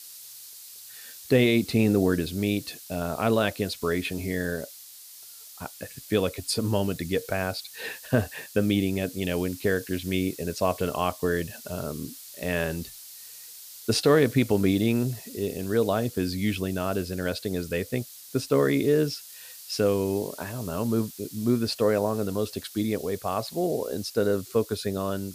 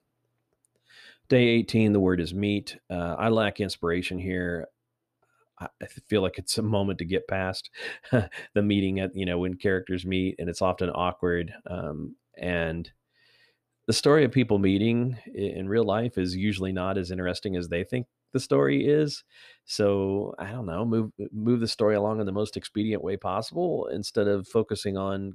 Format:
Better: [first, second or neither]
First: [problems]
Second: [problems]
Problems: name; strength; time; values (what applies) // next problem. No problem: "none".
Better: second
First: hiss; noticeable; throughout; 15 dB below the speech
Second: none